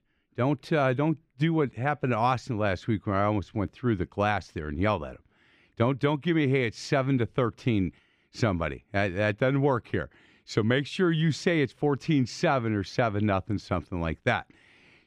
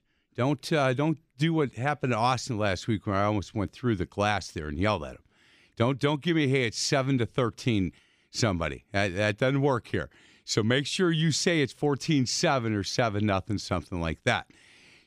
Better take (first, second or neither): second